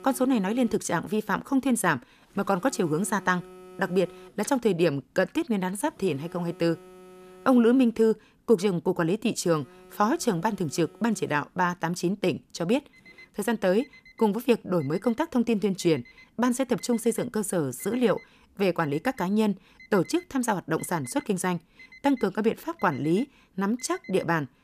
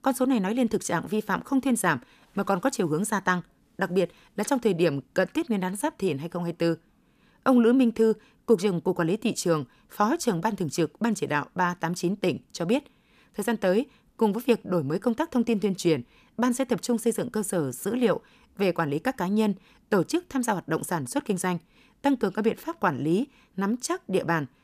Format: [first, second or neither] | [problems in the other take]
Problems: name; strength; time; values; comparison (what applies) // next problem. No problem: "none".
second | alarms or sirens; faint; throughout; 25 dB below the speech